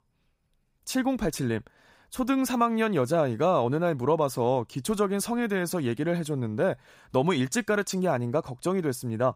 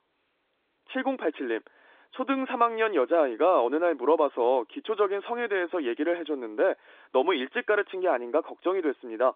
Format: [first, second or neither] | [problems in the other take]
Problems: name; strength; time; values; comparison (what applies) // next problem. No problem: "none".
first | phone-call audio; nothing above 3.5 kHz